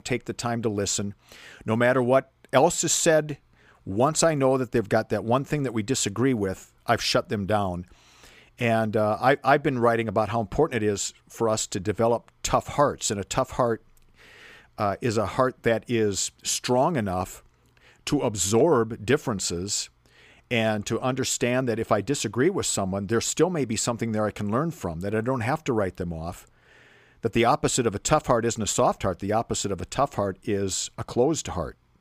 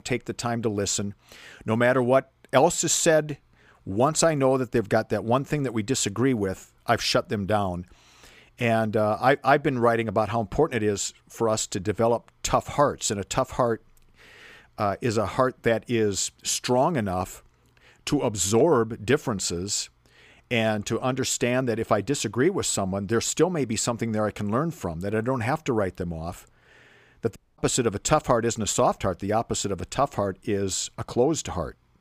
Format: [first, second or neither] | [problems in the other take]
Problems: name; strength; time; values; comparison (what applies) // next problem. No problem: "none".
first | audio cutting out; at 27 s